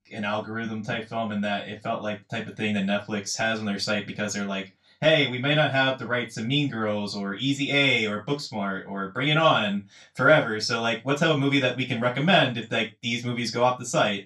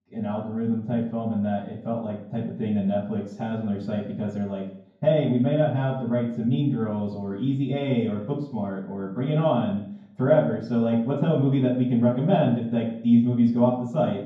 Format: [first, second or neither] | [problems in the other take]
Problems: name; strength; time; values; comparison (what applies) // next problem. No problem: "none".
first | room echo; strong; dies away in 0.9 s; slight in the first // off-mic speech; far; far in the first